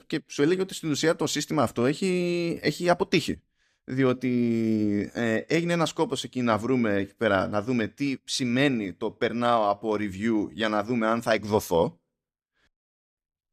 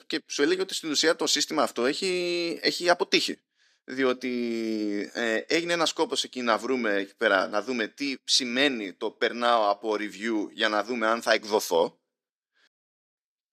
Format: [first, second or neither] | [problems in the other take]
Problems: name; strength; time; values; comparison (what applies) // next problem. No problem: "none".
first | thin; very slightly; fading below 300 Hz